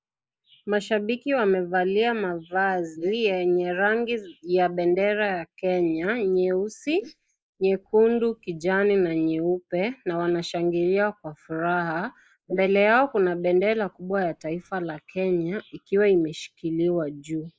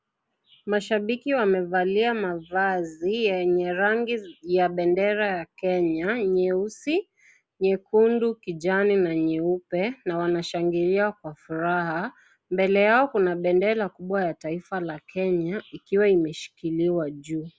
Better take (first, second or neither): second